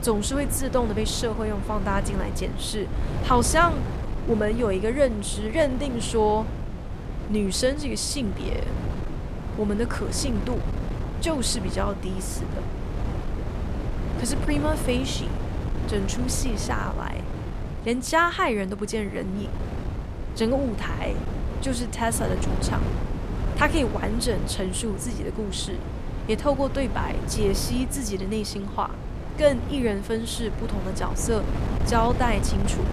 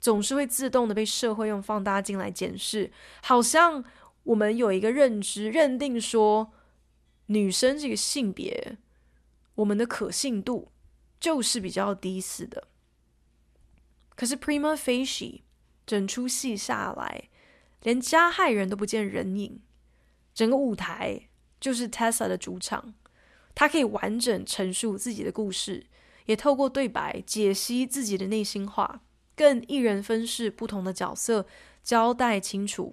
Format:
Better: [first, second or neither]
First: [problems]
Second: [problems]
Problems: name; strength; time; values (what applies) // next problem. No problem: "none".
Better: second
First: wind noise on the microphone; occasional gusts; 10 dB below the speech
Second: none